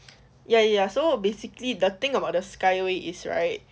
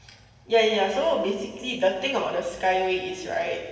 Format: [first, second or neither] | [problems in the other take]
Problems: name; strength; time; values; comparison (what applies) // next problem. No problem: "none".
first | room echo; dies away in 1.4 s